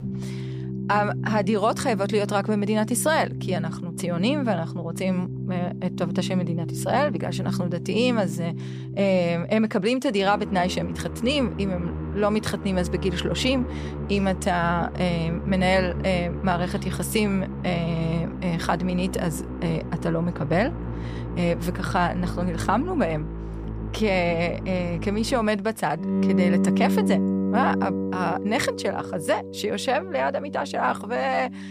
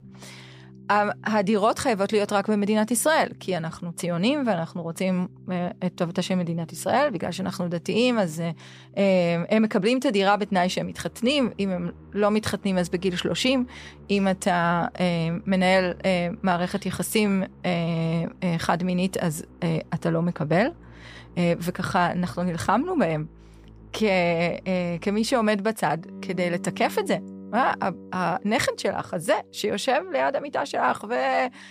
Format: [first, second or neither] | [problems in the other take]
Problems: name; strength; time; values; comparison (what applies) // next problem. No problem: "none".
second | background music; loud; throughout; 5 dB below the speech; faint in the second